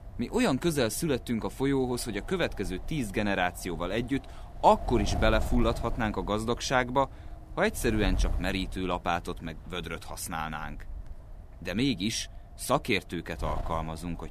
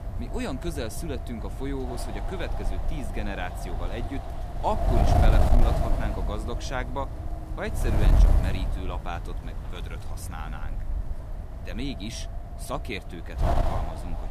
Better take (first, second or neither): first